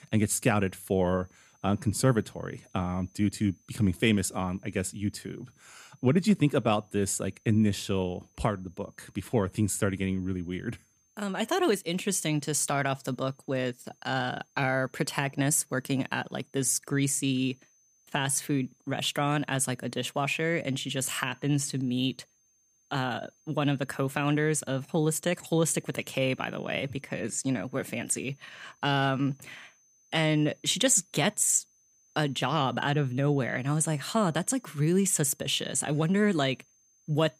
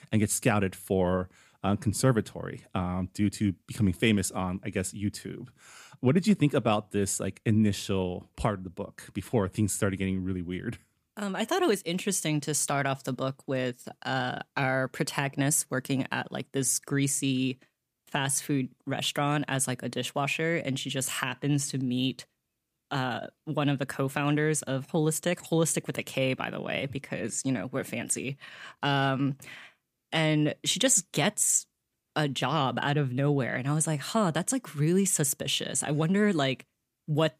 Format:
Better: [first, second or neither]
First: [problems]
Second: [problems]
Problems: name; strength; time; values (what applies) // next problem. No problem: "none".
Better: second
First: high-pitched whine; faint; throughout; 6.5 kHz, 35 dB below the speech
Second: none